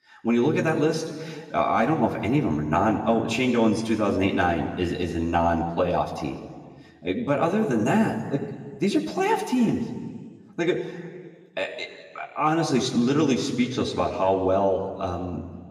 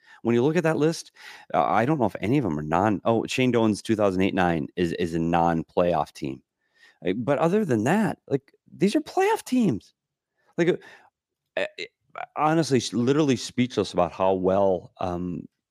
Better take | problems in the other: second | room echo; slight; dies away in 1.5 s // off-mic speech; somewhat distant

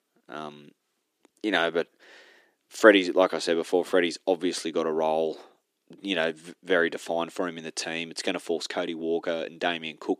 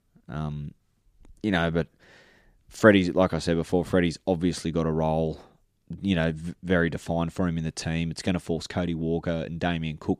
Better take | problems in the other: second | thin; somewhat; fading below 300 Hz

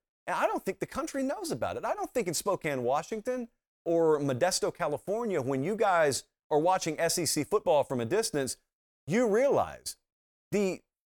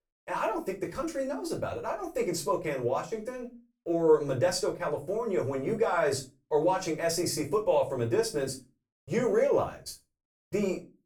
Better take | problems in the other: first | off-mic speech; far // room echo; very slight; dies away in 0.2 s

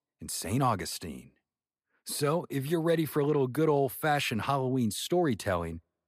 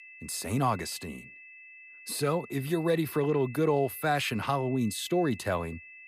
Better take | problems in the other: first | high-pitched whine; noticeable; throughout; 2.5 kHz, 20 dB below the speech

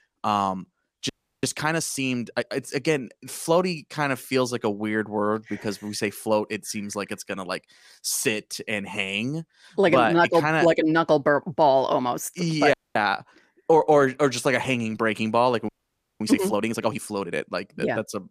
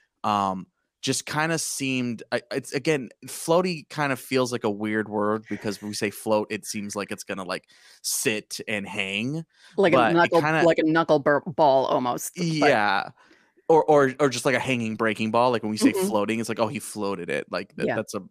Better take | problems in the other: second | audio freezing; at 1 s, at 13 s and at 16 s for 0.5 s

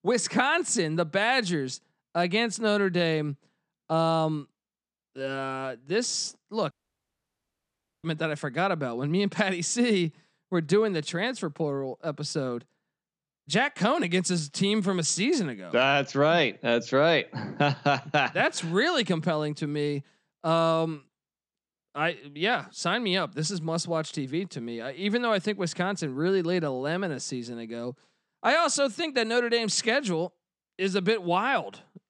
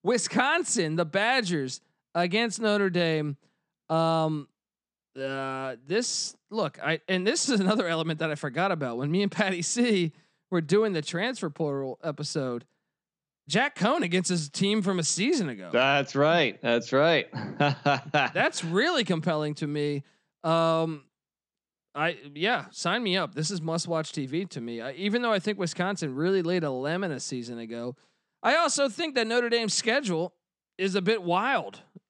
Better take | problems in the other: second | audio cutting out; at 6.5 s for 1.5 s

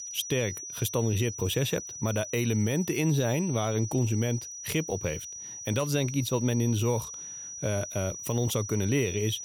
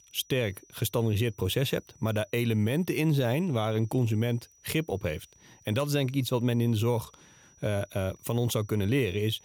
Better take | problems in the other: second | high-pitched whine; loud; throughout; 6 kHz, 8 dB below the speech; faint in the second

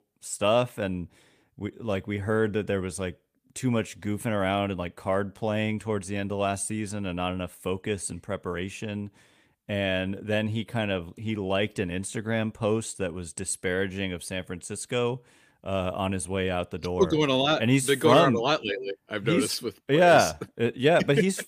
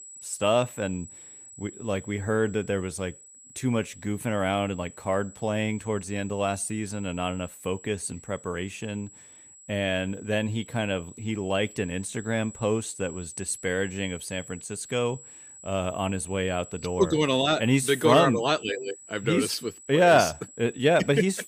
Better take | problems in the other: first | high-pitched whine; noticeable; throughout; 8 kHz, 20 dB below the speech

